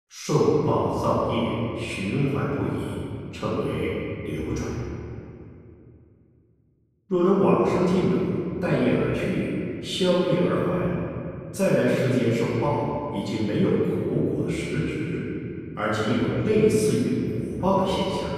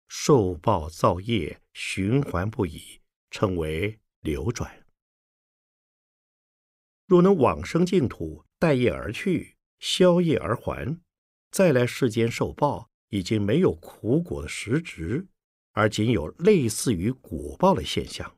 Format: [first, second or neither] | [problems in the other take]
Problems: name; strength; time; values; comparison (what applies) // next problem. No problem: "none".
second | room echo; strong; dies away in 2.4 s // off-mic speech; far